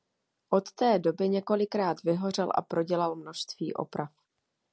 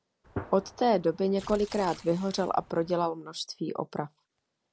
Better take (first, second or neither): first